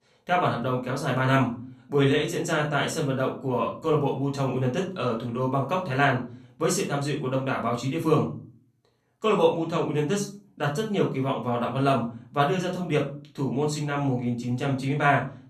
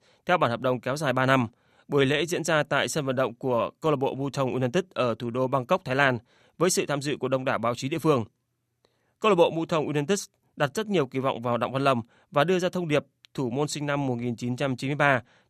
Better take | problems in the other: second | off-mic speech; far // room echo; slight; dies away in 0.3 s

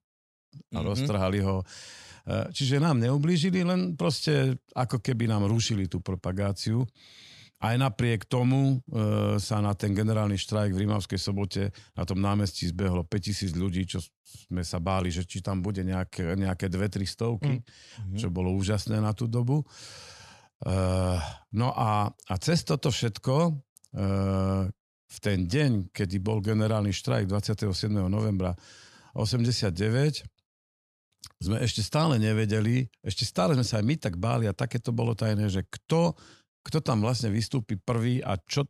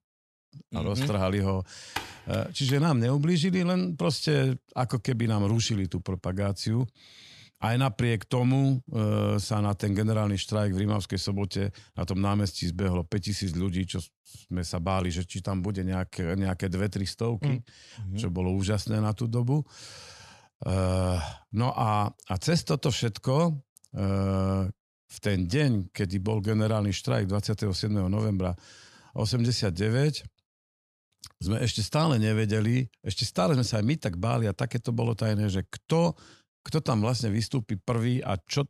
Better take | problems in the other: first | keyboard typing; noticeable; from 1 to 2.5 s; peak 9 dB below the speech

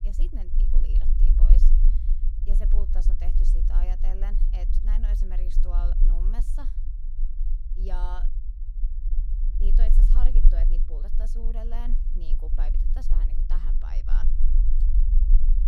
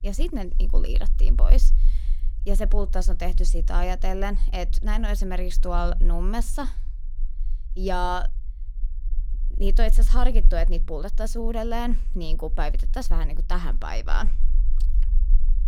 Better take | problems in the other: second | low rumble; loud; throughout; 5 dB below the speech; faint in the second

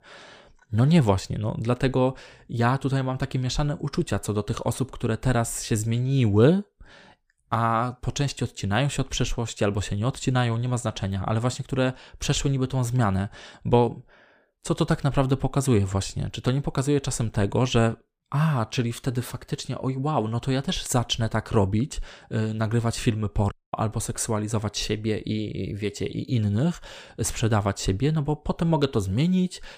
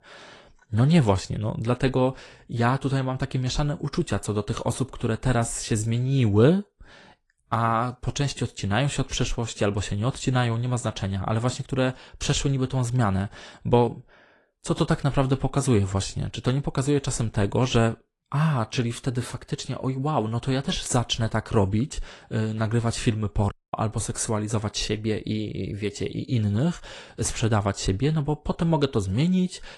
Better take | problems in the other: first | garbled, watery; slightly

